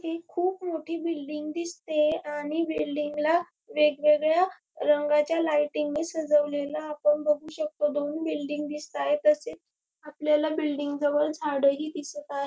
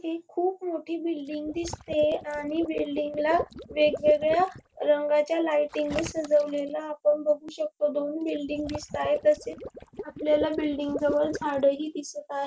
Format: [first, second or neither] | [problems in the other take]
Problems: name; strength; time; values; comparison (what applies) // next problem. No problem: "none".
first | background sound (Water / Liquid); 13 dB below the speech